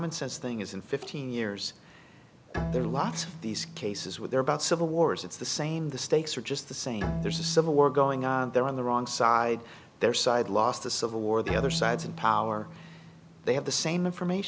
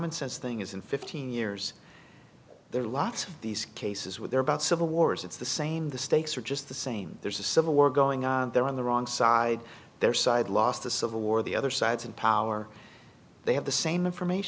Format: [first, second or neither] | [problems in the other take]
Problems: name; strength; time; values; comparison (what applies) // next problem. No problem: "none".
second | background sound (Bowed string instrument); 11 dB below the speech